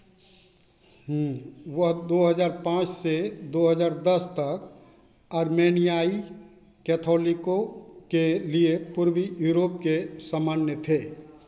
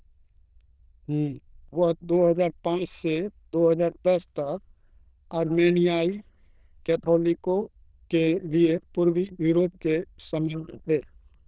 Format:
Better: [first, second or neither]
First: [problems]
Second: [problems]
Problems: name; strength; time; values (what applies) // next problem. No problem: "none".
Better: first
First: none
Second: noise reduction (neural diffusion model UNIVERSE++)